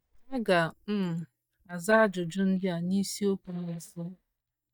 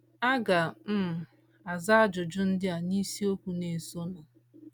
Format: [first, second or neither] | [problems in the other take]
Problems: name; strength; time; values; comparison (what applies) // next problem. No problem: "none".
second | noise reduction (neural mask model DeepFilterNet 3)